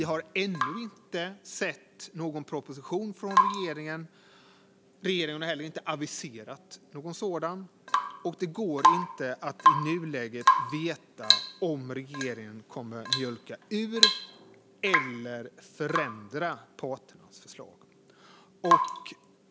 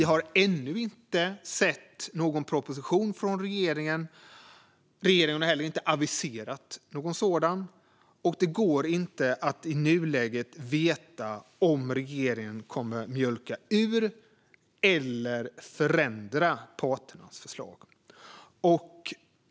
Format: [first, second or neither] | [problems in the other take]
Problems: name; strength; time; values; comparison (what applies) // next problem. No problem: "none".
second | background sound (Drip / Water tap, faucet / Rain); 4 dB above the speech